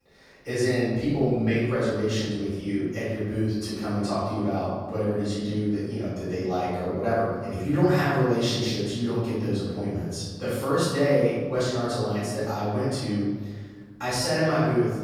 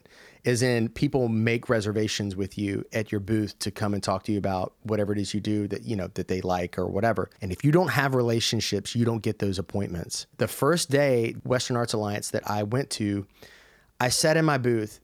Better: second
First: off-mic speech; far // room echo; strong; dies away in 1.5 s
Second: none

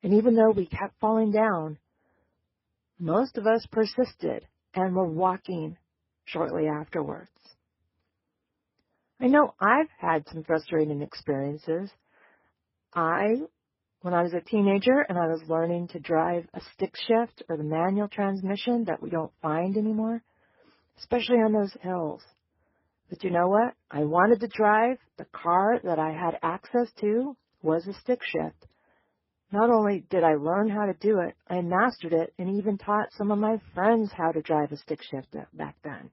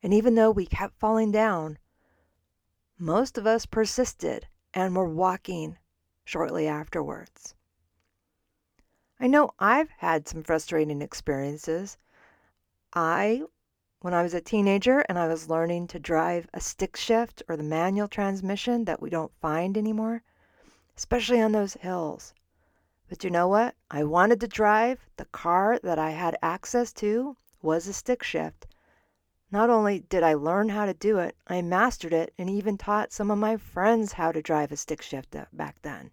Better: second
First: garbled, watery; badly; nothing above 5.5 kHz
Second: none

